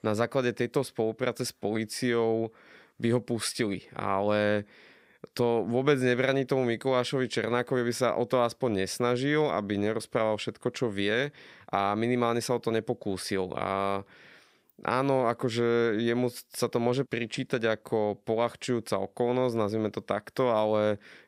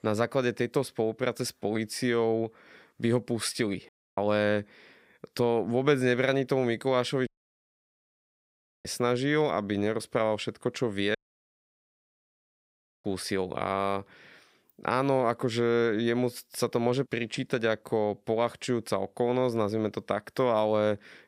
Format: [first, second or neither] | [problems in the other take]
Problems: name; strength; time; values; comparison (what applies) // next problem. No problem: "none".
first | audio cutting out; at 4 s, at 7.5 s for 1.5 s and at 11 s for 2 s